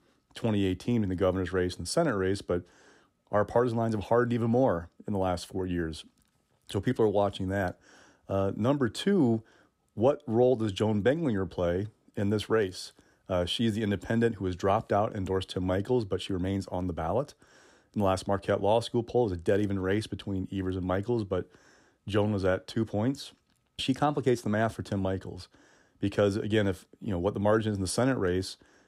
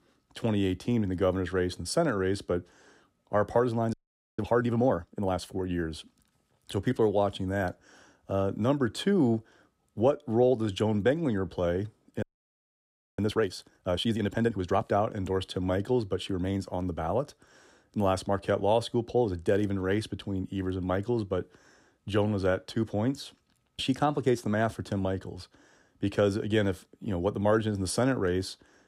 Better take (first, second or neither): first